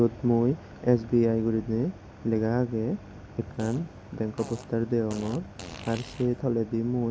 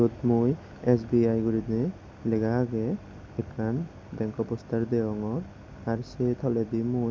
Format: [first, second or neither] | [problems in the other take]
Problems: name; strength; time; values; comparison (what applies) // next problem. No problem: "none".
second | background sound (Fart); 18 dB below the speech